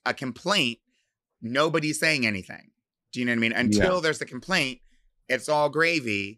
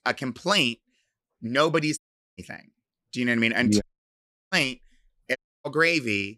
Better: first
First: none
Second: audio cutting out; at 2 s, at 4 s for 0.5 s and at 5.5 s

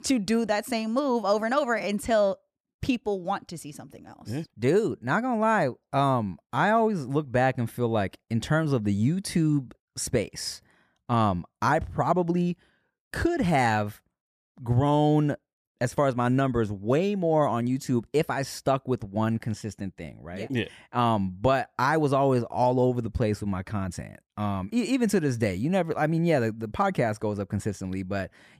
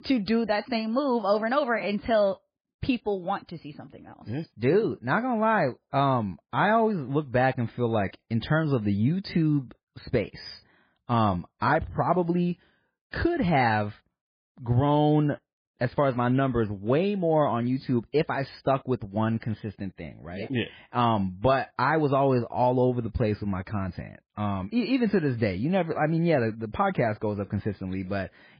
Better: first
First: none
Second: garbled, watery; badly; nothing above 5 kHz

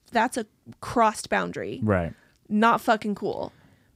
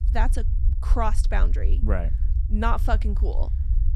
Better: first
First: none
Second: low rumble; noticeable; throughout; 15 dB below the speech

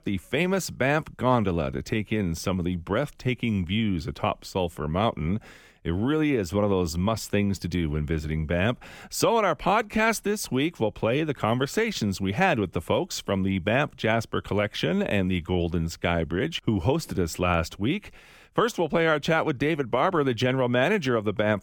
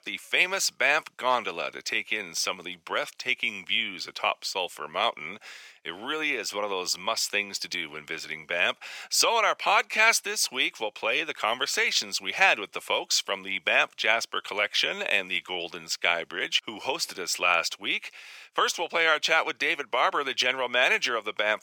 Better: first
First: none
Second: thin; very; fading below 700 Hz

